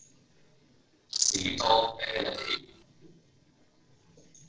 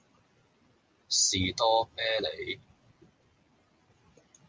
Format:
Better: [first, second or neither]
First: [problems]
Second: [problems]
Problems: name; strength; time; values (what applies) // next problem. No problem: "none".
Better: second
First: noise reduction (neural separator model SepFormer DNS4)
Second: none